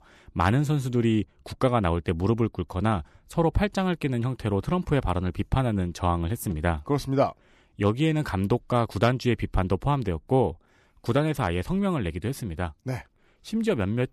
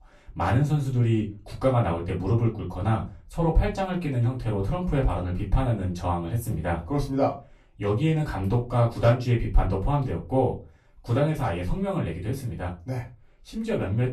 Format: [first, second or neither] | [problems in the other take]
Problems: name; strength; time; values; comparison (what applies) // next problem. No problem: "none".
first | off-mic speech; far // room echo; very slight; dies away in 0.2 s